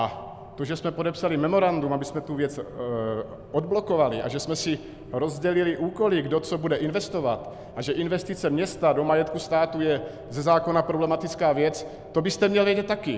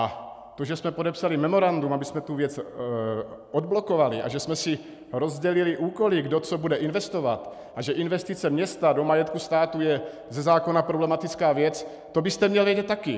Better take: second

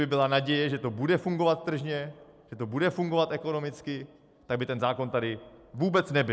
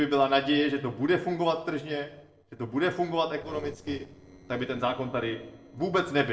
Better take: first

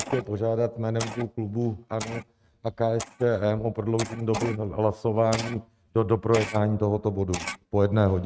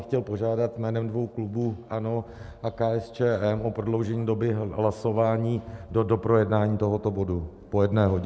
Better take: second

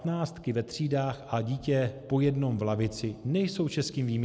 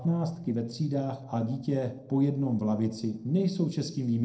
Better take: first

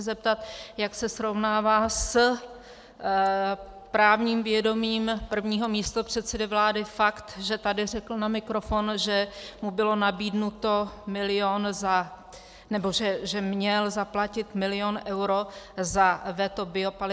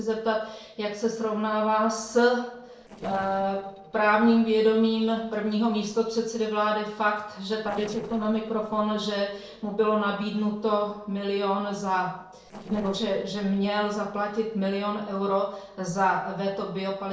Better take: first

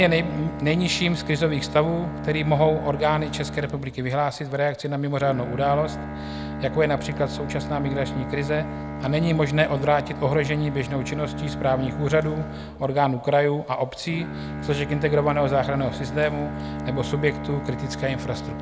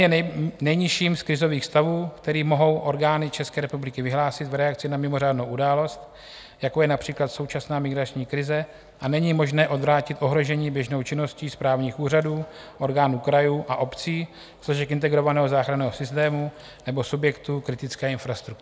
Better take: second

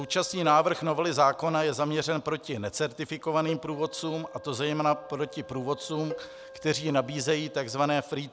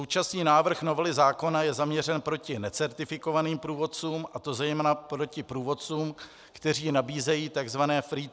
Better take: second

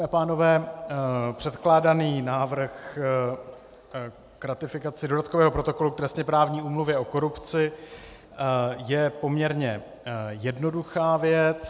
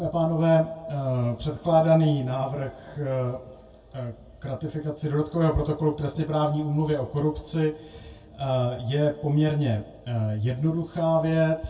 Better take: first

